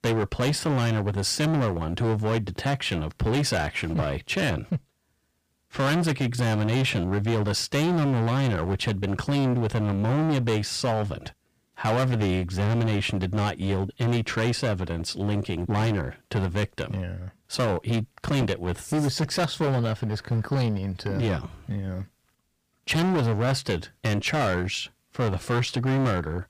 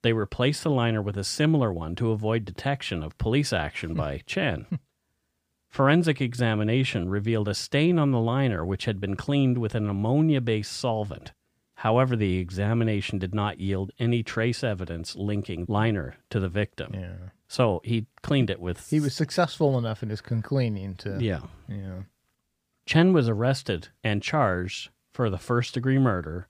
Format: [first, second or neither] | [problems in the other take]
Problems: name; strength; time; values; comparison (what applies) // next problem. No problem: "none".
second | distortion; heavy; 20% of the sound clipped